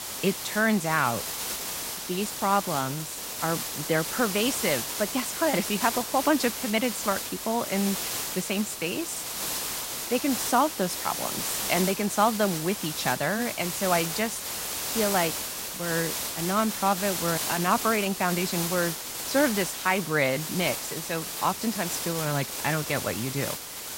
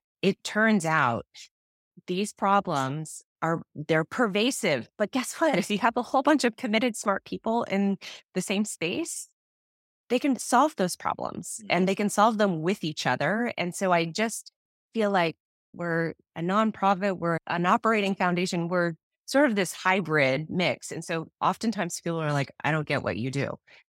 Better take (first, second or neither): second